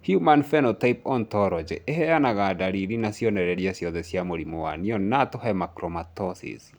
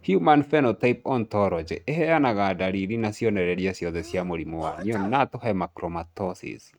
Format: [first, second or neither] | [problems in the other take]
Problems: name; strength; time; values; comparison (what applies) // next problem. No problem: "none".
first | noise reduction (neural mask model RNNoise)